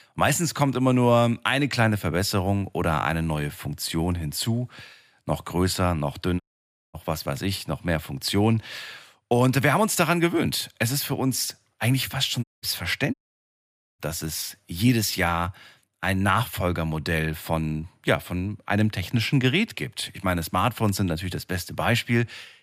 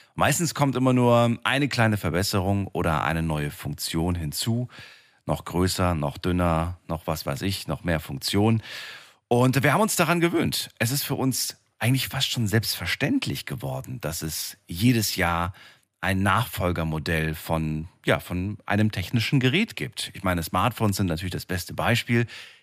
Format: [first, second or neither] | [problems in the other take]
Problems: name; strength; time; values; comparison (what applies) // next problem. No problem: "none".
second | audio cutting out; at 6.5 s for 0.5 s, at 12 s and at 13 s for 1 s